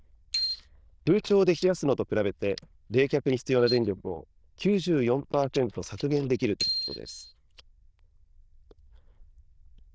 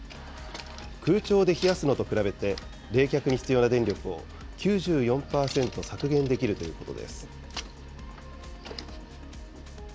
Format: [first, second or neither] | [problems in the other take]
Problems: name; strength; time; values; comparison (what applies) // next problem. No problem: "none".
second | noise reduction (neural diffusion model UNIVERSE++)